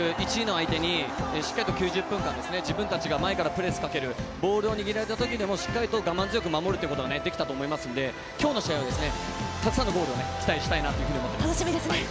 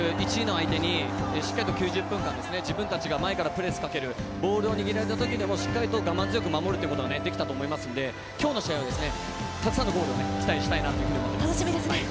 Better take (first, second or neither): first